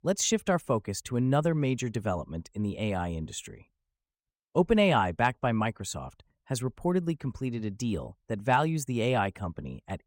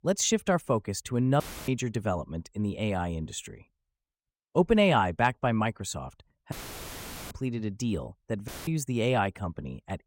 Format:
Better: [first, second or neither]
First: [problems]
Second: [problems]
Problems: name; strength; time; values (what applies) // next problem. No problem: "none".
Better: first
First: none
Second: audio cutting out; filled with static; at 1.5 s, at 6.5 s for 1 s and at 8.5 s